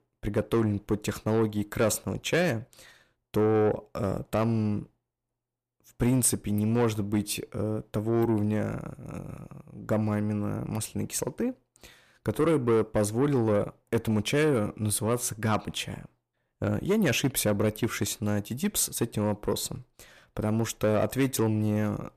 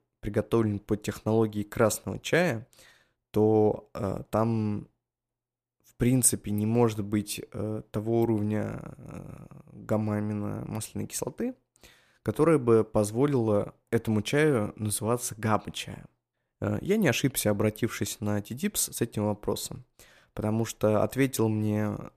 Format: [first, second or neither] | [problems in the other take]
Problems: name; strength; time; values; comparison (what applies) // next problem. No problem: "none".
second | distortion; slight; 10 dB below the speech